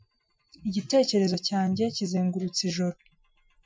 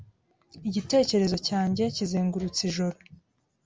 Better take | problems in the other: second | noise reduction (classical method Wiener filter)

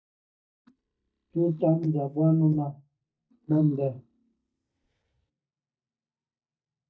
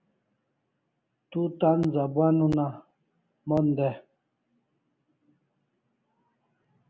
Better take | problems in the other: second | noise reduction (neural mask model DeepFilterNet 3)

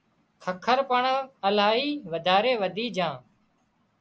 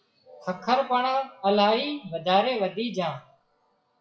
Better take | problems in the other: first | noise reduction (classical method WPE with log-MMSE)

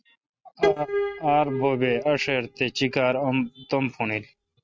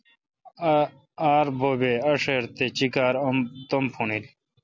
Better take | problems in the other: second | noise reduction (neural mask model RNNoise)

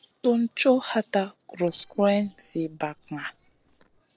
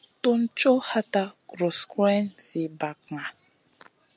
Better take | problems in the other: second | noise reduction (neural separator model SepFormer DNS4)

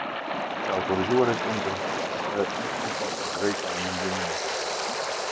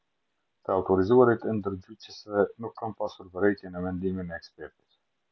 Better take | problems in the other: second | background sound (Waves, surf); 2 dB above the speech

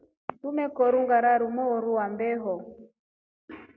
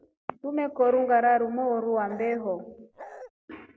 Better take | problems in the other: first | background sound (Bark); 17 dB below the speech

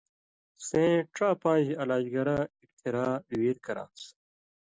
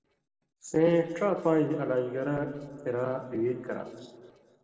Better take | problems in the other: first | noise reduction (neural separator model SepFormer DNS4)

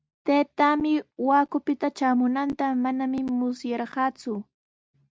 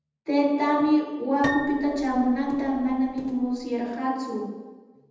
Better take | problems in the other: first | background sound (Piano); 13 dB below the speech // room echo; dies away in 1.1 s

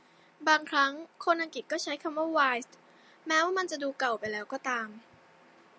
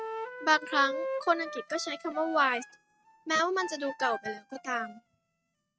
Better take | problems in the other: first | noise reduction (neural mask model RNNoise)

